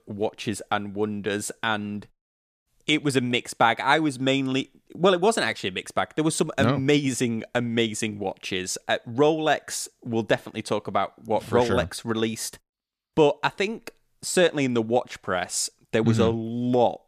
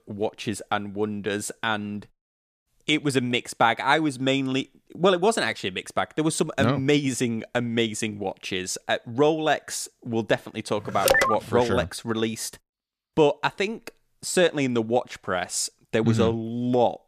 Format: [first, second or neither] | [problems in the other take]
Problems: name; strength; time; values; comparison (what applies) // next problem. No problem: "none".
first | phone ringing; loud; at 11 s; peak 5 dB above the speech